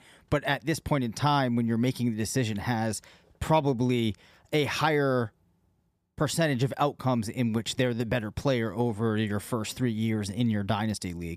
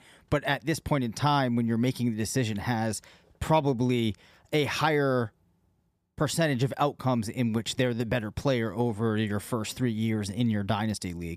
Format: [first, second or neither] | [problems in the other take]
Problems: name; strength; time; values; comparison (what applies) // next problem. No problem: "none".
neither | none